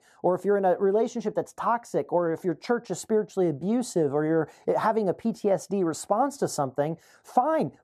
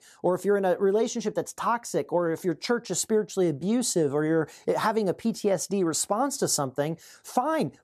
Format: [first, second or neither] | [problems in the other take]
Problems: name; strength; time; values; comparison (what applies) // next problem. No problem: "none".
second | muffled; slightly; fading above 2 kHz